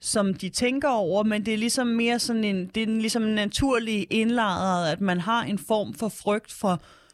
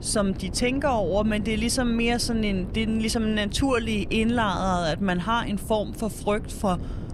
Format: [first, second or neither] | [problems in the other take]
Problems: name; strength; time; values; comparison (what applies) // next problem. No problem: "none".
first | wind noise on the microphone; occasional gusts; 20 dB below the speech